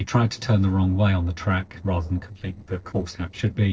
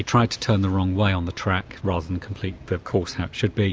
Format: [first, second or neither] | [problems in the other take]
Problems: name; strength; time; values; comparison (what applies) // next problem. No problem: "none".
second | noise reduction (neural separator model SepFormer DNS4)